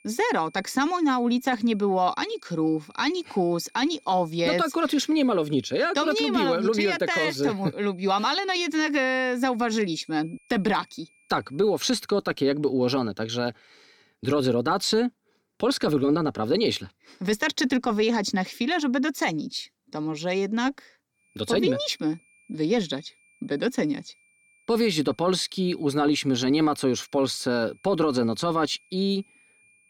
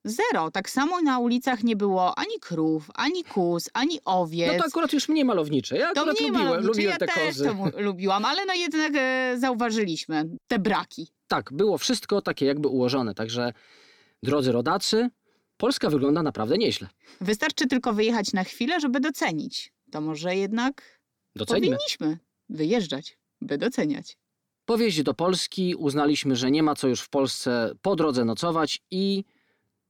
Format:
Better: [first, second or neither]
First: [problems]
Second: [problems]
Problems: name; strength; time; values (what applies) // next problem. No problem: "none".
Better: second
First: high-pitched whine; faint; until 12 s and from 21 s on; 2.5 kHz, 35 dB below the speech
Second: none